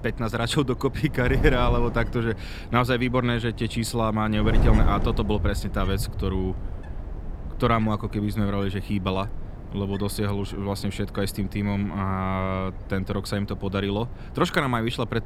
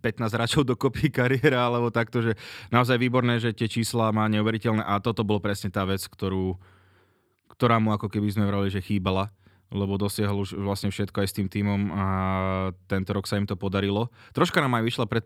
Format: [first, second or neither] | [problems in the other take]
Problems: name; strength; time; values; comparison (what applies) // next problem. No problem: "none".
second | wind noise on the microphone; occasional gusts; 15 dB below the speech